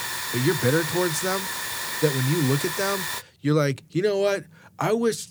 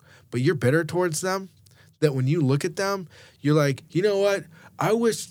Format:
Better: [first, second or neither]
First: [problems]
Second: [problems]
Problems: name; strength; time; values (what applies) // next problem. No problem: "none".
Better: second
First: hiss; loud; until 3 s; 3 dB below the speech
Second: none